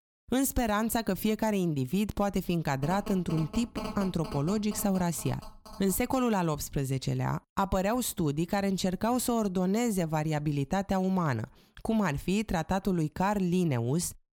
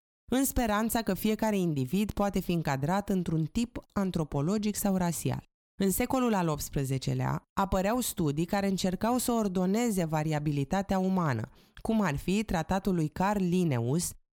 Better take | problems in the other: second | phone ringing; noticeable; from 3 to 6 s; peak 8 dB below the speech

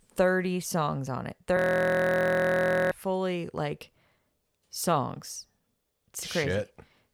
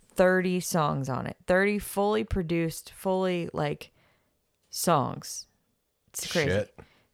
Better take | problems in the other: second | audio freezing; at 1.5 s for 1.5 s

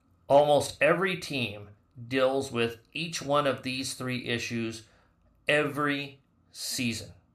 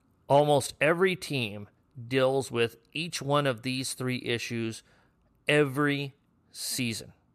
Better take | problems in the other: second | room echo; very slight; dies away in 0.4 s

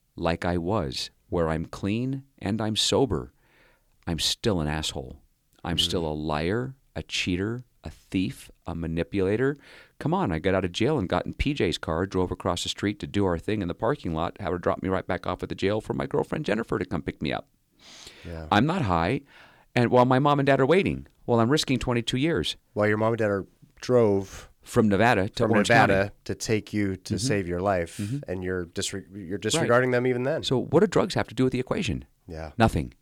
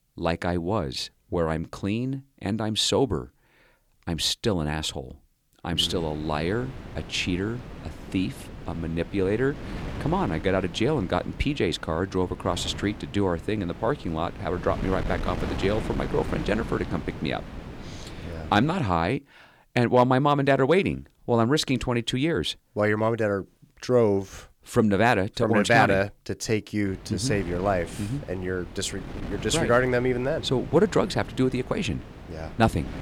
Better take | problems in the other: first | wind noise on the microphone; occasional gusts; from 6 to 19 s and from 27 s on; 15 dB below the speech

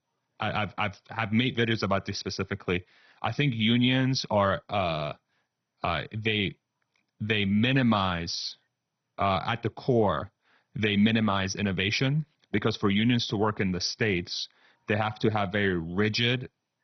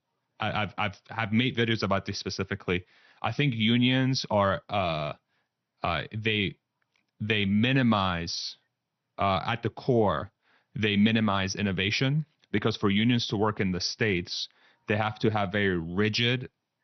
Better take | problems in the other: second | garbled, watery; badly; nothing above 6 kHz; slightly in the second

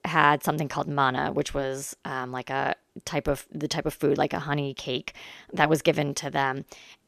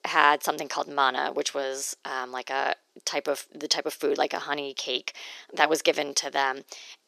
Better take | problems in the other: first | thin; somewhat; fading below 350 Hz

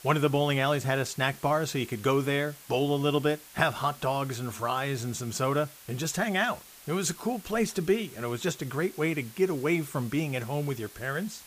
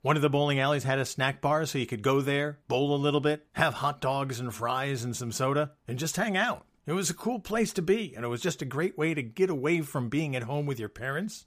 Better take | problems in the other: second | hiss; noticeable; throughout; 20 dB below the speech

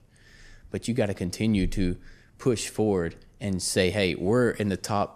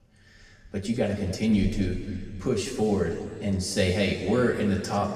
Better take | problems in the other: first | room echo; noticeable; dies away in 2.2 s // off-mic speech; far

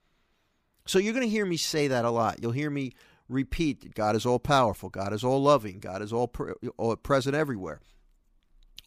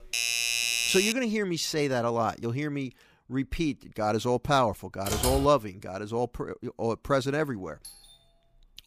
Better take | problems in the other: first | doorbell; loud; until 1 s; peak 4 dB above the speech // keyboard typing; noticeable; at 5 s; peak level with the speech // doorbell; faint; at 8 s; peak 20 dB below the speech

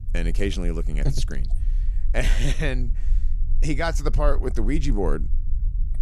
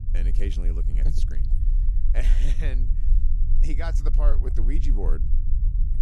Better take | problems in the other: first | low rumble; loud; throughout; 8 dB below the speech; faint in the first

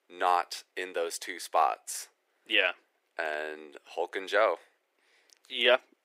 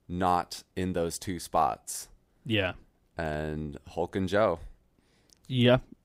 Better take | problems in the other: second | thin; very; fading below 400 Hz

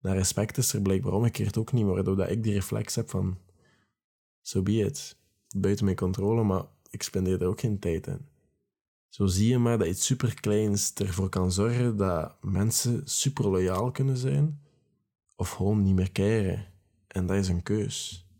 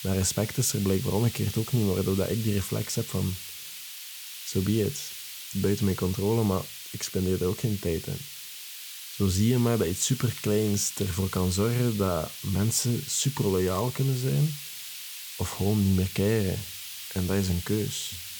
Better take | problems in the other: first | hiss; loud; throughout; 9 dB below the speech

